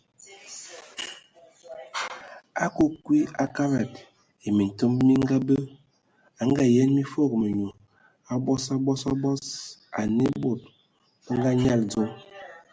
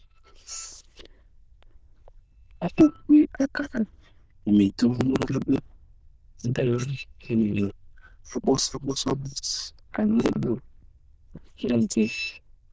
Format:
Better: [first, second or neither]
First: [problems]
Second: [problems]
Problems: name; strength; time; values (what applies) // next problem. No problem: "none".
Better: first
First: none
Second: noise reduction (neural diffusion model UNIVERSE++)